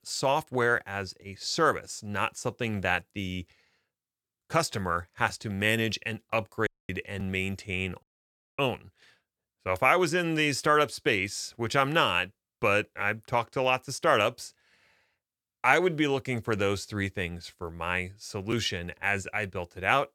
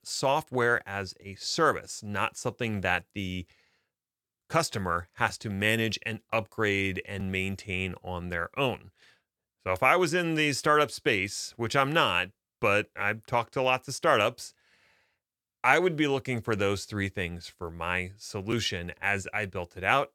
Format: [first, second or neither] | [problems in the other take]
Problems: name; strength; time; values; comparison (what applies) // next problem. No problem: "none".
second | audio cutting out; at 6.5 s and at 8 s for 0.5 s